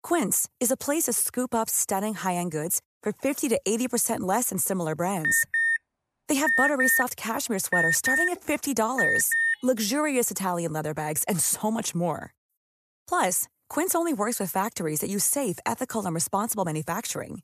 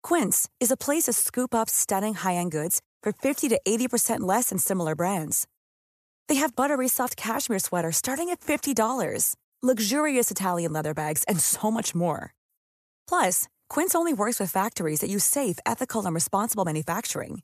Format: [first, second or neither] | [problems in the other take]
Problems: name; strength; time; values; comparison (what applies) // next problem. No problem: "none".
second | alarm; loud; from 5 to 9.5 s; peak 5 dB above the speech